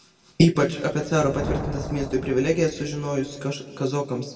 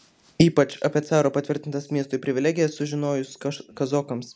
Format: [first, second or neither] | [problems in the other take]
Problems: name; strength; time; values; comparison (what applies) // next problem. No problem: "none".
second | background sound (Thunder); 12 dB below the speech // room echo; dies away in 1.5 s